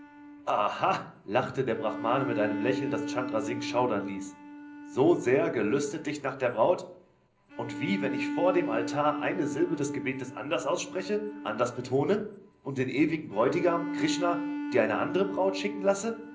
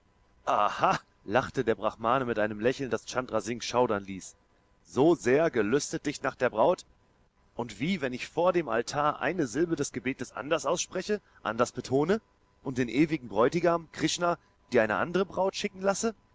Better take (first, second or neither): second